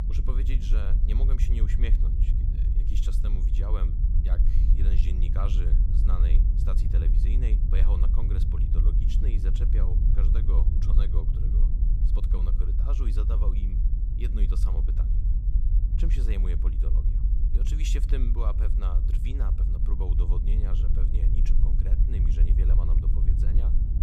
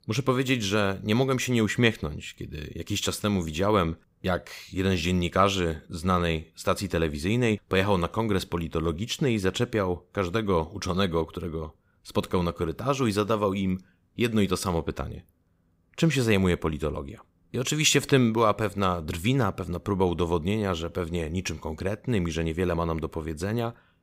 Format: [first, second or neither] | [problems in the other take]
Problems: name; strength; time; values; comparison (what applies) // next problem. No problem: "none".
second | low rumble; loud; throughout; 1 dB below the speech